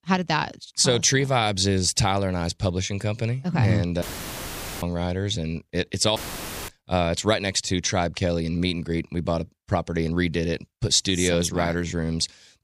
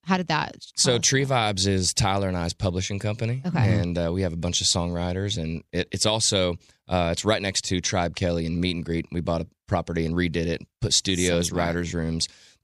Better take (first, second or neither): second